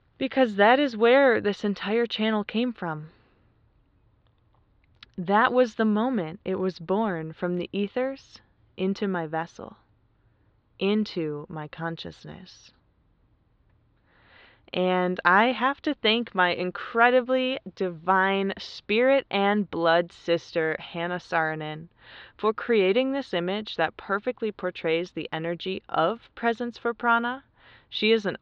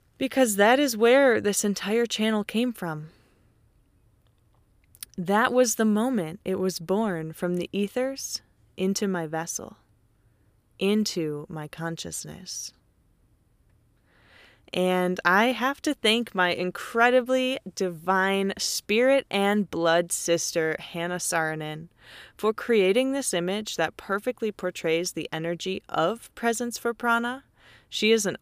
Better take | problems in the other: second | muffled; slightly; fading above 4 kHz

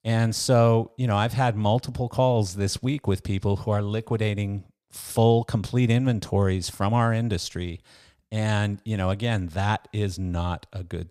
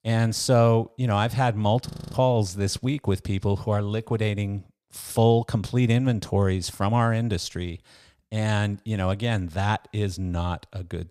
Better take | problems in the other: first | audio freezing; at 2 s

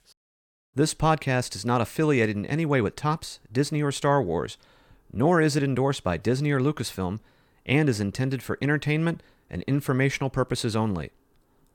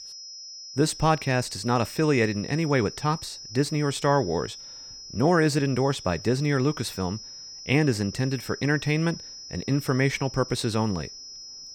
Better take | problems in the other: first | high-pitched whine; noticeable; throughout; 5 kHz, 15 dB below the speech

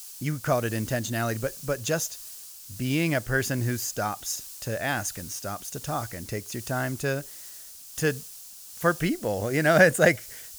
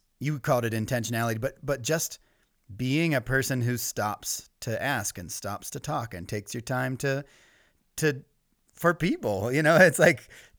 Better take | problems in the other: second | hiss; noticeable; throughout; 15 dB below the speech

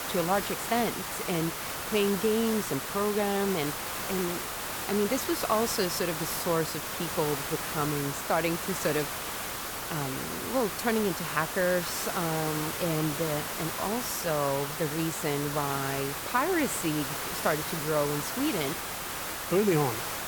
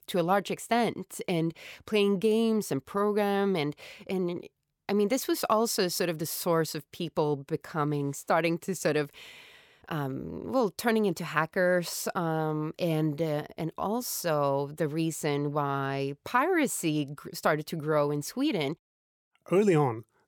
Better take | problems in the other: second | hiss; loud; throughout; 3 dB below the speech

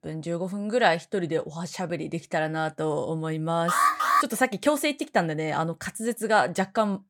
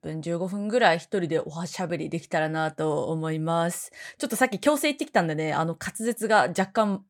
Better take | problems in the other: second | alarm; loud; at 3.5 s; peak 6 dB above the speech

